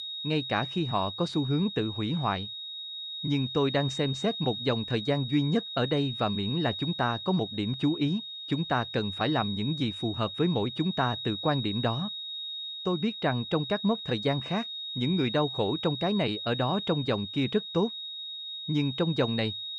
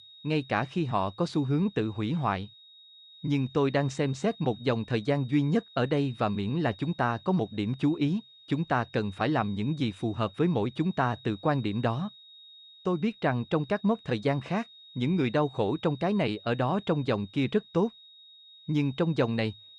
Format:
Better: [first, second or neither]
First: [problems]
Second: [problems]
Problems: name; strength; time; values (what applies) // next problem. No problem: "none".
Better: second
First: high-pitched whine; loud; throughout; 4 kHz, 6 dB below the speech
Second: high-pitched whine; faint; throughout; 4 kHz, 20 dB below the speech